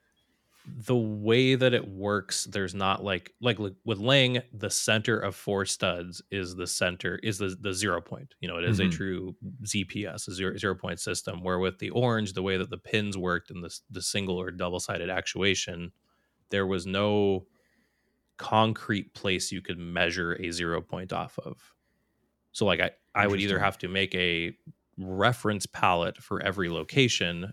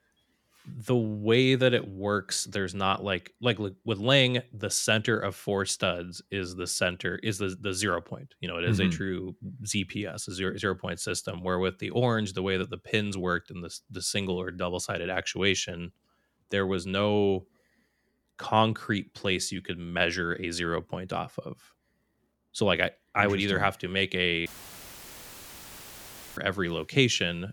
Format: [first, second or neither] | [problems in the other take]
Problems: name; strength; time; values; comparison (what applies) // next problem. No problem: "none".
first | audio cutting out; filled with static; at 24 s for 2 s